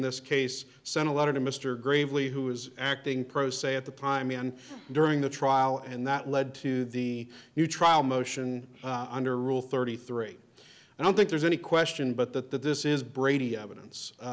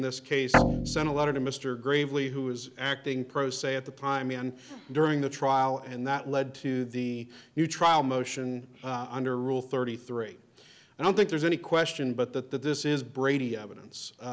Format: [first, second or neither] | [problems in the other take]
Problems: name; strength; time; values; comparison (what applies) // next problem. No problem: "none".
first | background sound (Guitar); 3 dB above the speech